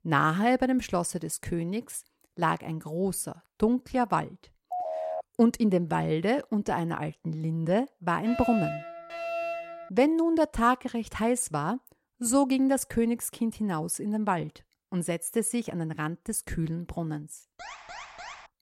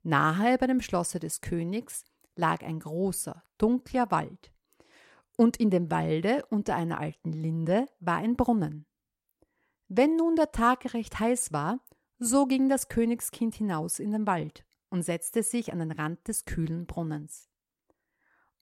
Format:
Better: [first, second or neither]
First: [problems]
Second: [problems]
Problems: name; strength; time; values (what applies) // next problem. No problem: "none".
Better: second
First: phone ringing; noticeable; at 4.5 s; peak 4 dB below the speech // alarm; noticeable; from 8.5 to 10 s; peak 4 dB below the speech // alarm; faint; at 18 s; peak 15 dB below the speech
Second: none